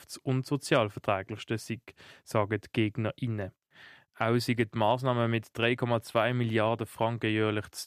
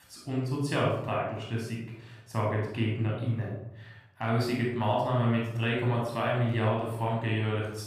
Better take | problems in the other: first | off-mic speech; far // room echo; noticeable; dies away in 0.7 s

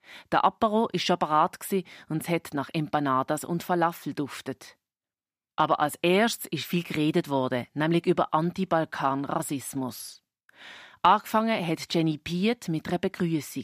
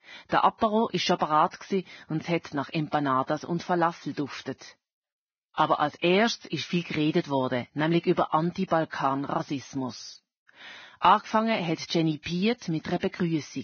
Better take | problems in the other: first | garbled, watery; badly; nothing above 6 kHz

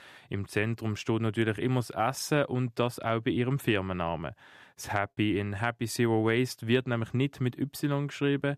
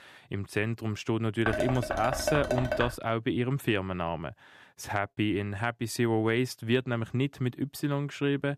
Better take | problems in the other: first | clattering dishes; noticeable; from 1.5 to 3 s; peak level with the speech

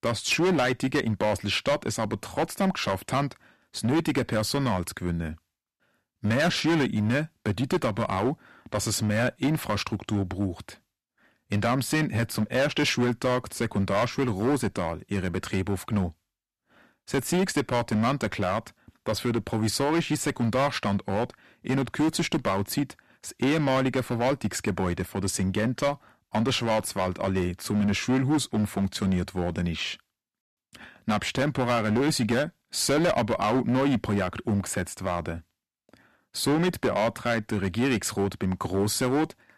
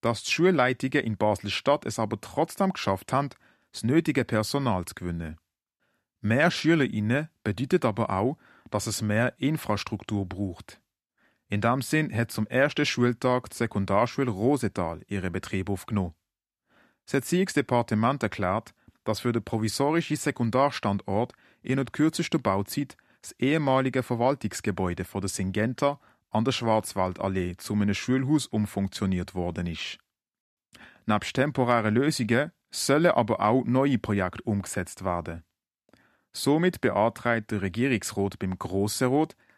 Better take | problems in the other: second | distortion; heavy; 10% of the sound clipped

